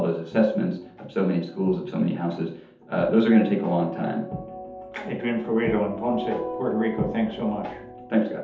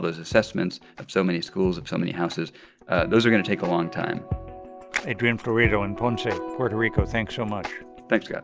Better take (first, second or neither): second